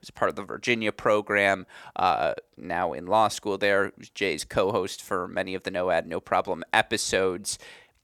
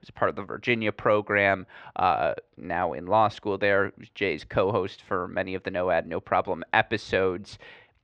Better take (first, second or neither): first